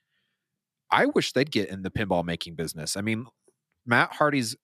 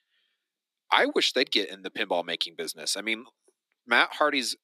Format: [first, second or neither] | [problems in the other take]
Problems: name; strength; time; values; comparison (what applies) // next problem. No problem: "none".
first | thin; somewhat; fading below 300 Hz